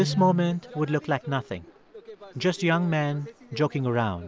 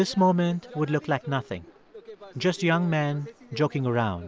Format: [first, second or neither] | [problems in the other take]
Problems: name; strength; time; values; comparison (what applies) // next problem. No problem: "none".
second | background sound (Guitar); 14 dB below the speech